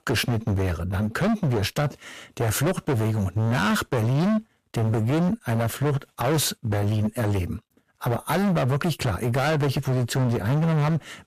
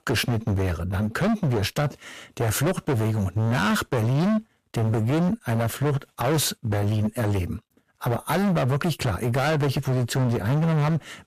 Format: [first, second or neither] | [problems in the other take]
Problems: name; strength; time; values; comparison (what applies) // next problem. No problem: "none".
neither | distortion; heavy; 27% of the sound clipped; the same in both